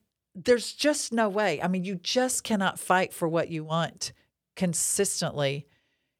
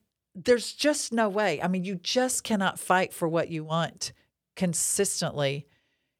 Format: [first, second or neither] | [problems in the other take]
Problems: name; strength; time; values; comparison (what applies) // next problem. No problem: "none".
neither | none